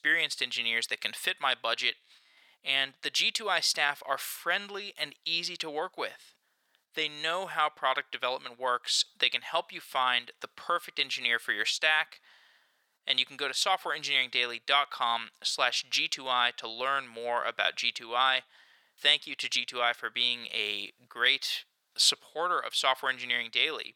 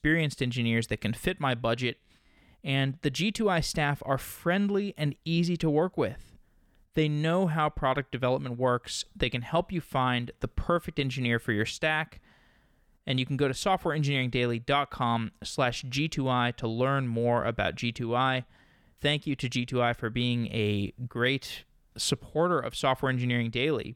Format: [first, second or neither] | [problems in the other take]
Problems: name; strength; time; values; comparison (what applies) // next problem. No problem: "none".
second | thin; very; fading below 900 Hz